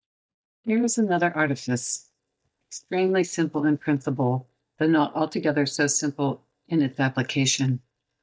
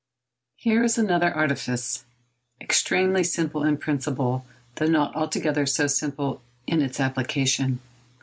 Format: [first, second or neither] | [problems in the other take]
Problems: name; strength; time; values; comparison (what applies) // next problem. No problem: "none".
second | noise reduction (neural mask model DeepFilterNet 3)